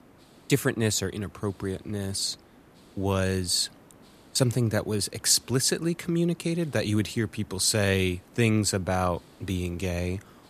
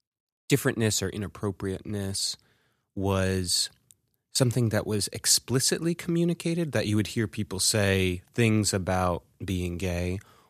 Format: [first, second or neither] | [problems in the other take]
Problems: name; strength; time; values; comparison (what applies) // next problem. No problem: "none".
second | hiss; faint; throughout; 25 dB below the speech